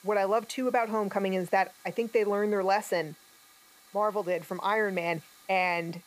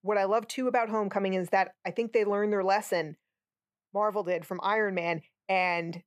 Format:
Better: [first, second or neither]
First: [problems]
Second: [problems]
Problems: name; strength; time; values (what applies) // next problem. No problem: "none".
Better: second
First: hiss; faint; throughout; 25 dB below the speech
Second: none